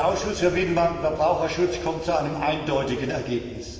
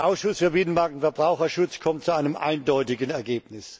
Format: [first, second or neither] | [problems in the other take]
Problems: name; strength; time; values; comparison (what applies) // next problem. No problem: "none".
second | background sound (Aircraft); 17 dB below the speech // room echo; dies away in 1.7 s